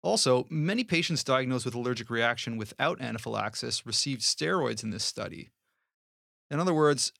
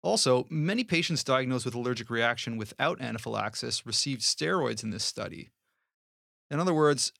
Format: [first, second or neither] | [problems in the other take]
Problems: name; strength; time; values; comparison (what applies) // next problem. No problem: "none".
neither | none